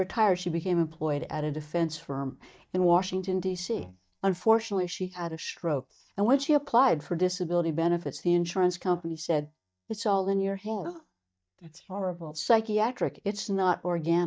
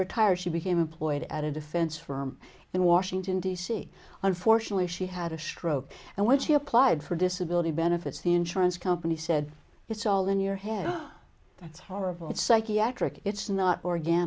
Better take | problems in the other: second | noise reduction (neural mask model DeepFilterNet 3)

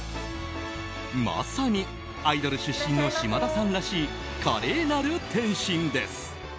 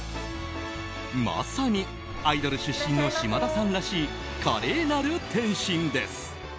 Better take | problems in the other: first | background sound (Boom); 17 dB below the speech

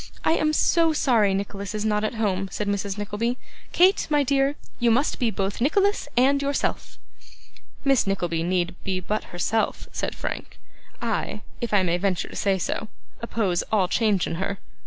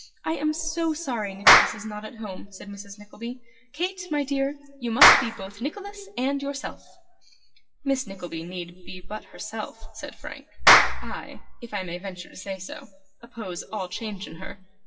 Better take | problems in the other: first | noise reduction (classical method WPE with log-MMSE)

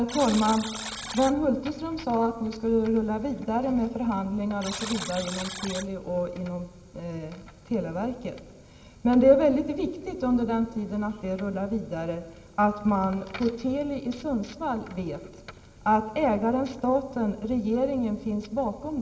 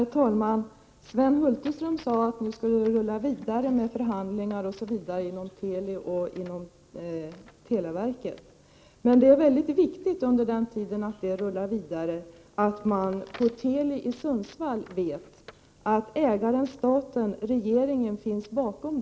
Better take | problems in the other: second | background sound (Alarm); 12 dB below the speech // room echo; dies away in 2.4 s

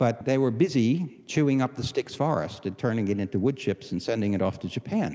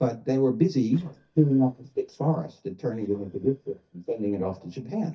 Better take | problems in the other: first | noise reduction (neural mask model DeepFilterNet 3)

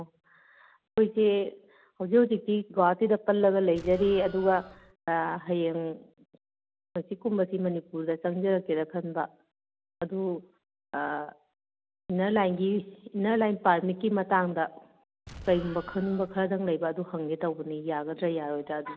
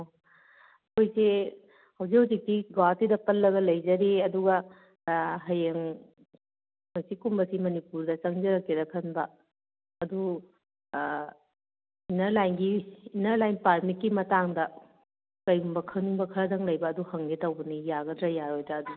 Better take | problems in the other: second | background sound (Explosion); 17 dB below the speech

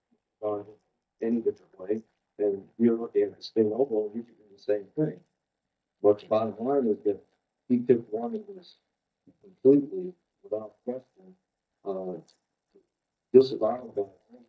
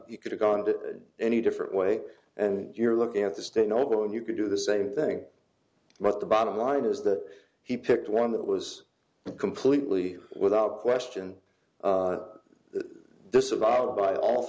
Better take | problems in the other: second | noise reduction (neural mask model DeepFilterNet 3)

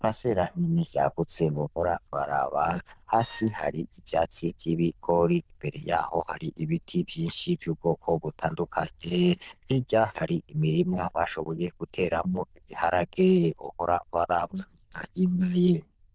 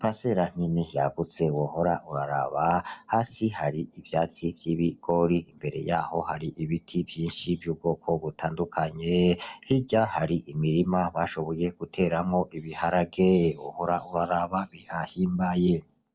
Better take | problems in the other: second | noise reduction (neural diffusion model UNIVERSE++)

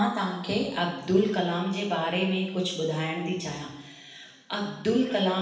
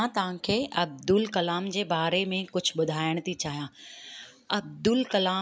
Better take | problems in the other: second | room echo; dies away in 0.9 s

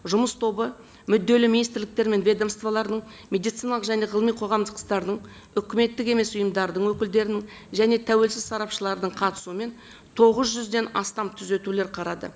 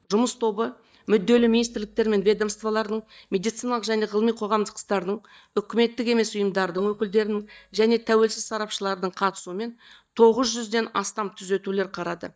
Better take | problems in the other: first | noise reduction (neural mask model DeepFilterNet 3)

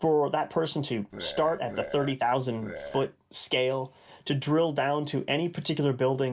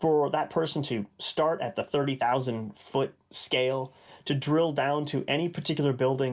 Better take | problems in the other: second | background sound (Burping, eructation); 12 dB below the speech

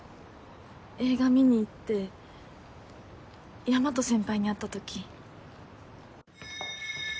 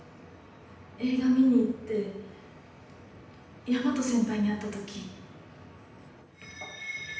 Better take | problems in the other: first | room echo; dies away in 0.9 s

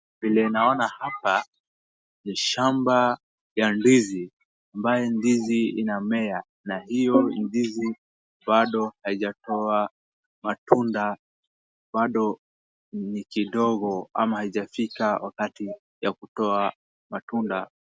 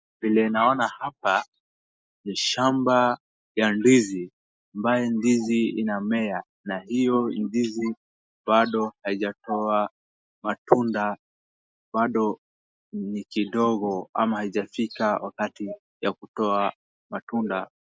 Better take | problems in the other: first | noise reduction (neural mask model Resemble Enhance denoiser)

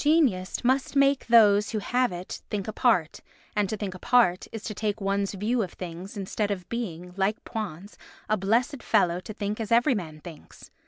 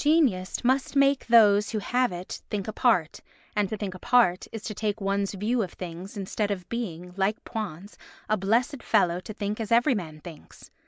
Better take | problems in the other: first | noise reduction (neural mask model Resemble Enhance denoiser)

